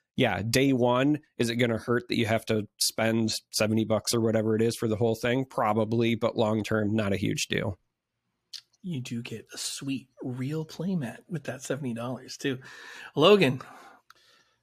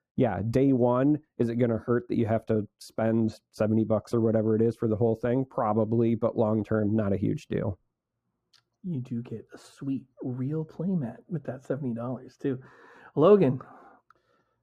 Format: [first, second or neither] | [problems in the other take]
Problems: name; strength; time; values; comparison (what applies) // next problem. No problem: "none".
first | muffled; very; fading above 1.5 kHz